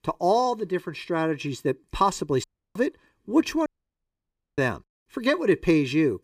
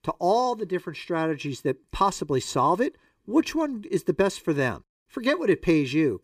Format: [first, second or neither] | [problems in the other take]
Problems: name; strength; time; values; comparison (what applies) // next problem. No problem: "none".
second | audio cutting out; at 2.5 s and at 3.5 s for 1 s